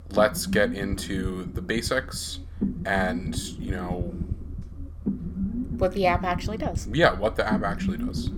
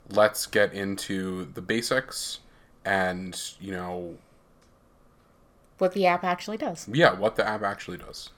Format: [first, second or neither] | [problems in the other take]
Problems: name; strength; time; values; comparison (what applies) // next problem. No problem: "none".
second | low rumble; noticeable; throughout; 15 dB below the speech